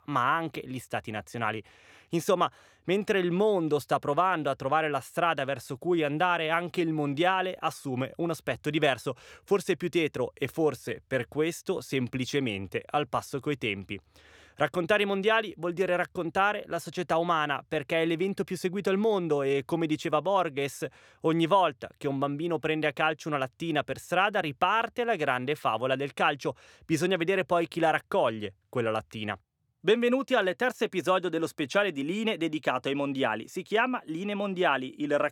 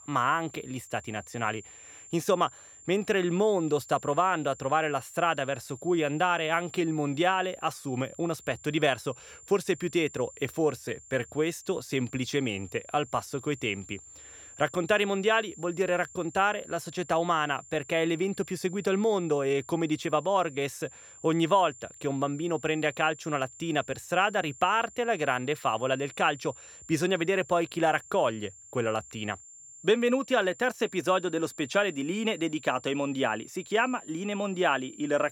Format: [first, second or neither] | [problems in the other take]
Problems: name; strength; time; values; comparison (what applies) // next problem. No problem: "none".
first | high-pitched whine; noticeable; throughout; 7 kHz, 20 dB below the speech